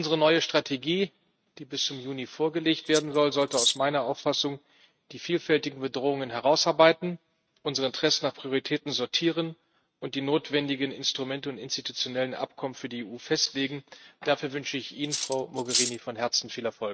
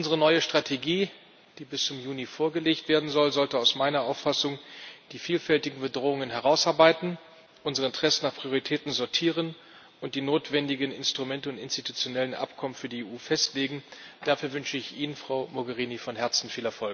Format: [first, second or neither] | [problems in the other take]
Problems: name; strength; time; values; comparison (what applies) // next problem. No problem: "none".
second | noise reduction (neural mask model RNNoise)